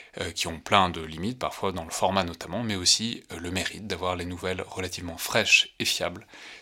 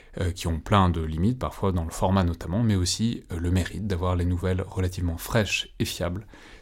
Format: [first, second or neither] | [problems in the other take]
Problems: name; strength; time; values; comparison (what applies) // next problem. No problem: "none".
second | thin; somewhat; fading below 800 Hz